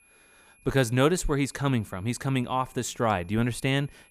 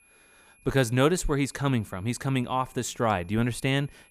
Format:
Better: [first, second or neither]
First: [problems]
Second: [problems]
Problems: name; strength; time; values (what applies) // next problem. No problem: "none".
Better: neither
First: high-pitched whine; faint; throughout; 2.5 kHz, 30 dB below the speech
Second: high-pitched whine; faint; throughout; 2.5 kHz, 30 dB below the speech